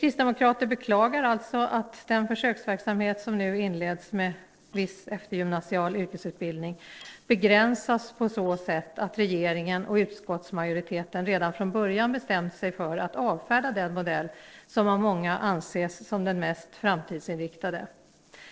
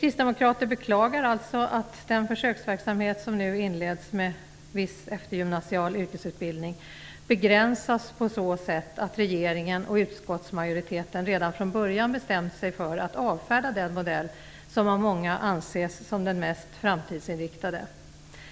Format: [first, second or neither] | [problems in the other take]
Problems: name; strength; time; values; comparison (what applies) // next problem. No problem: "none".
second | noise reduction (neural separator model SepFormer DNS4)